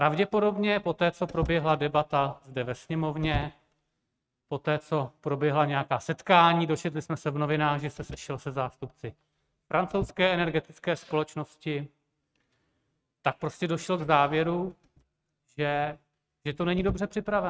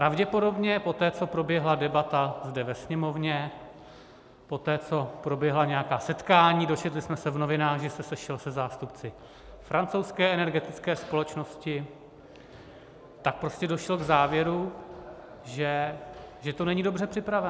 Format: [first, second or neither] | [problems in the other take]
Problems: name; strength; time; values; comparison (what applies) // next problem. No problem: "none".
second | noise reduction (neural mask model RNNoise)